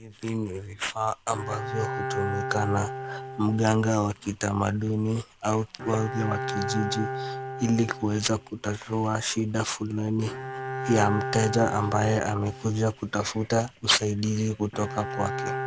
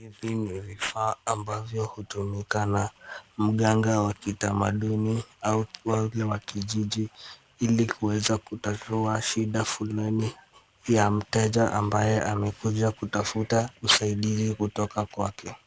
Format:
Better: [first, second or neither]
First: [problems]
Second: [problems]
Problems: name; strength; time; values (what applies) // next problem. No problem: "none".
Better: second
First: background sound (Bowed string instrument); 8 dB below the speech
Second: none